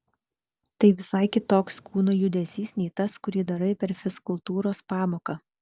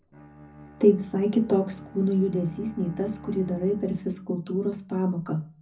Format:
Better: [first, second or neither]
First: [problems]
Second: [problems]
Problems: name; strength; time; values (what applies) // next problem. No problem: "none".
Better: first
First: none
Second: background sound (Bowed string instrument); 19 dB below the speech // room echo; dies away in 0.4 s